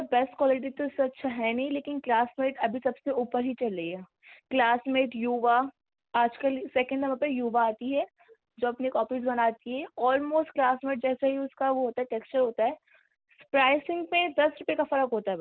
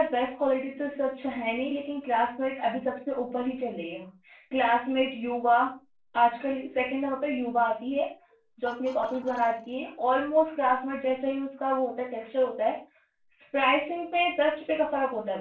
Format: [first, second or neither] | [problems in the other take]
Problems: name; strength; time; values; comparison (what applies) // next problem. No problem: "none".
first | noise reduction (neural separator model SepFormer DNS4)